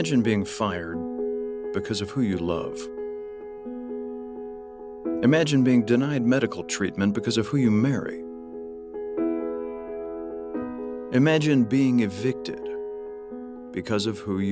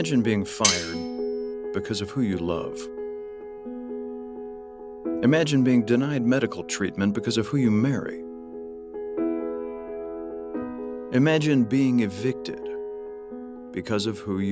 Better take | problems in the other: first | background sound (Cutlery, silverware); 2 dB below the speech

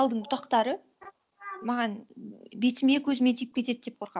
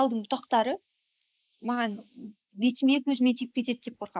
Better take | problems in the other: first | noise reduction (neural mask model Resemble Enhance denoiser)

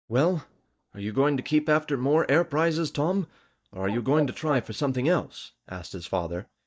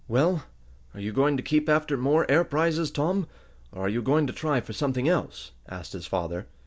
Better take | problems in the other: second | noise reduction (neural mask model DeepFilterNet 3)

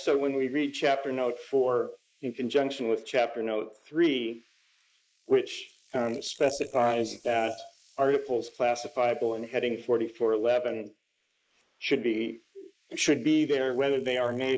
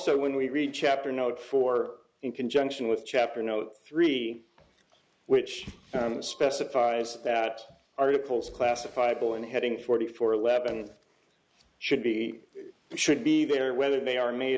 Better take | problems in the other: second | noise reduction (neural mask model Resemble Enhance denoiser)

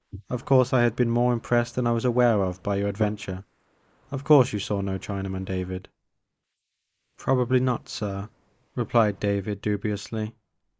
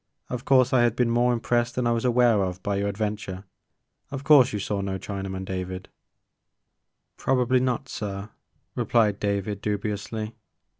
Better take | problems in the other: second | noise reduction (neural mask model Resemble Enhance denoiser)

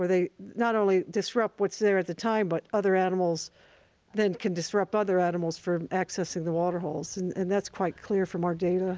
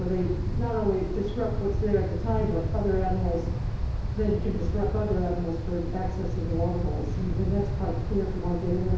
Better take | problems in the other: first | background sound (Wind); 1 dB above the speech // room echo; dies away in 2.2 s

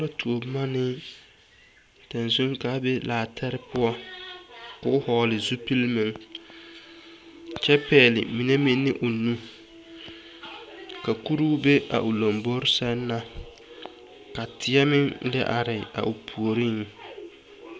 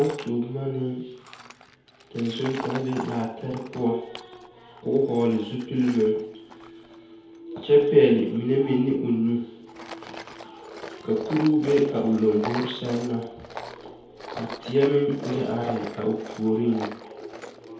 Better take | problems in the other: first | background sound (Tools); 15 dB below the speech // room echo; dies away in 0.8 s

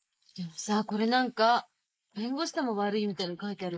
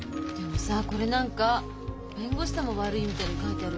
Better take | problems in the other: second | noise reduction (neural mask model Resemble Enhance denoiser)

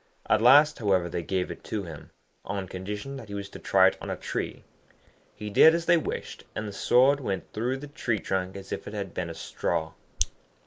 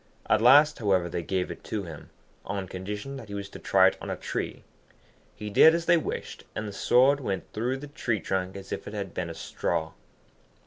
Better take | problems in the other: second | noise reduction (neural mask model Resemble Enhance denoiser)

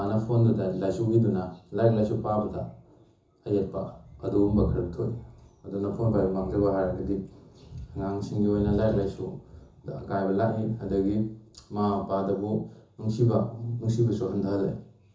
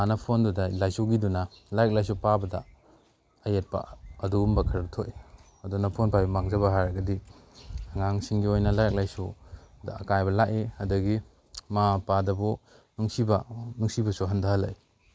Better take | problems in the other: second | room echo; dies away in 0.6 s

